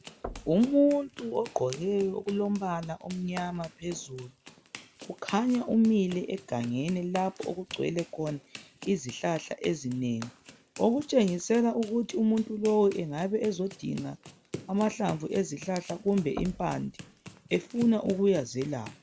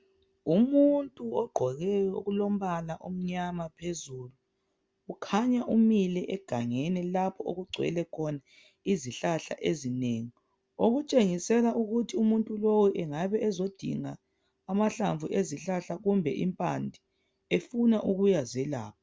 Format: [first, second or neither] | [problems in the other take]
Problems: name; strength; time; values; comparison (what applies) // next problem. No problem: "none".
second | background sound (Knock / Wood + Run); 18 dB below the speech